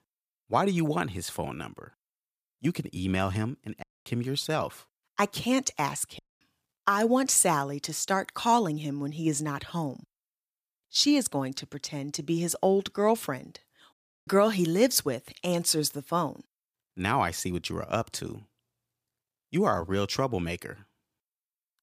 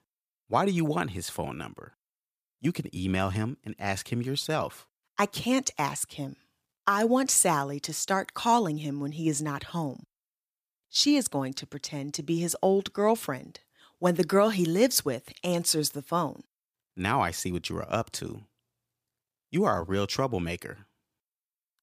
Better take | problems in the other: second | audio cutting out; at 4 s, at 6 s and at 14 s

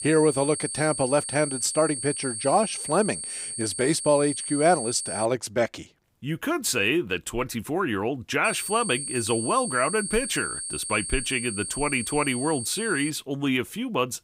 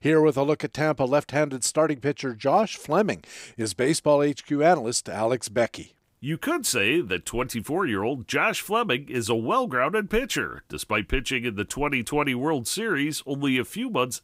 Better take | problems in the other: second | high-pitched whine; loud; until 5.5 s and from 8.5 to 13 s; 8.5 kHz, 5 dB below the speech

